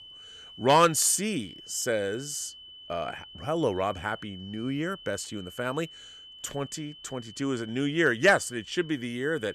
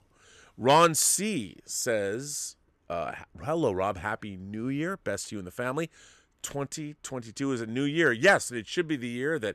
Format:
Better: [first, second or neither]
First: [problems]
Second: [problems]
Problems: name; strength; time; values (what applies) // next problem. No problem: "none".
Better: second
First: high-pitched whine; noticeable; throughout; 3 kHz, 15 dB below the speech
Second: none